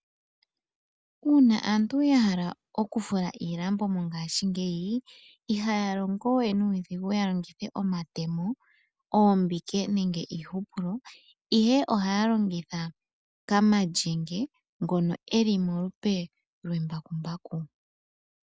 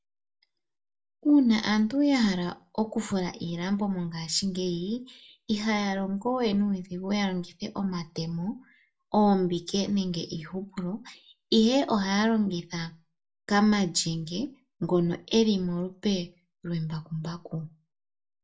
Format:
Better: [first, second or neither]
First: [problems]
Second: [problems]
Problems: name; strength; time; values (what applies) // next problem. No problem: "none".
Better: first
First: none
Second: room echo; dies away in 0.2 s